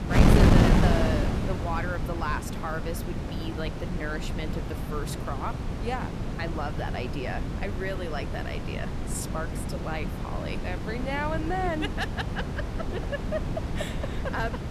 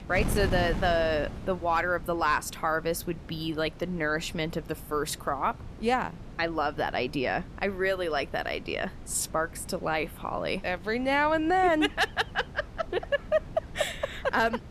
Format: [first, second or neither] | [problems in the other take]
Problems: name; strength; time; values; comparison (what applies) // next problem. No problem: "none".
second | wind noise on the microphone; heavy; 1 dB below the speech; occasional gusts in the second